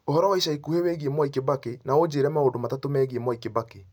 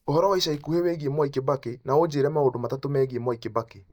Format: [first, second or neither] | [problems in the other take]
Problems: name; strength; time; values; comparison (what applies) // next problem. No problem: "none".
first | noise reduction (neural mask model DeepFilterNet 3)